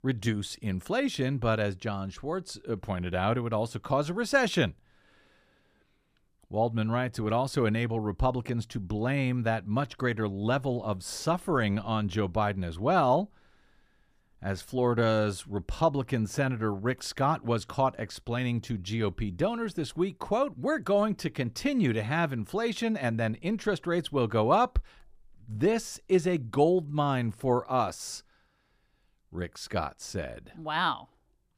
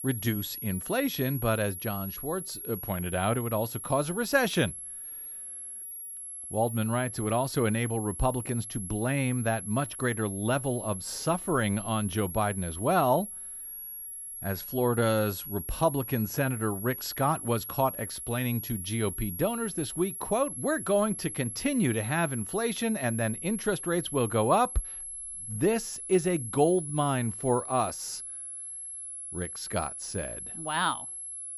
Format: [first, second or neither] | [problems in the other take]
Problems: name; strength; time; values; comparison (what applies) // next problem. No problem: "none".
first | high-pitched whine; loud; throughout; 11 kHz, 7 dB below the speech